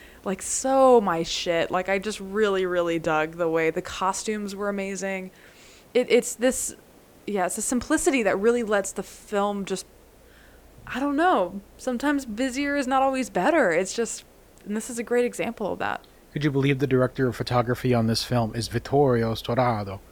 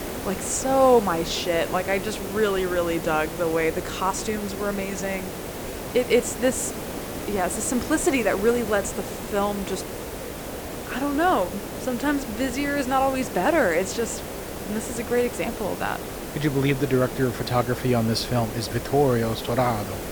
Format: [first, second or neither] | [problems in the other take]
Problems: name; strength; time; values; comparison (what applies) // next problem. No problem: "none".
first | hiss; loud; throughout; 8 dB below the speech; faint in the first